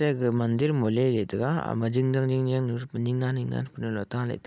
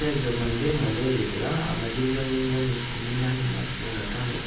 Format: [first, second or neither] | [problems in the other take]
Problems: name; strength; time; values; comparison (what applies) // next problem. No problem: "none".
first | background sound (Water tap, faucet); 6 dB below the speech // room echo; dies away in 0.6 s